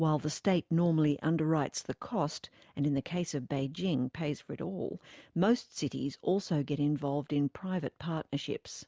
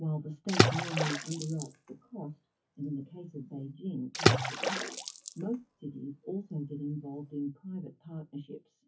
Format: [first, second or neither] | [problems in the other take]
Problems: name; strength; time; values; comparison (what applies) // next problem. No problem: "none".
first | noise reduction (classical method WPE with log-MMSE)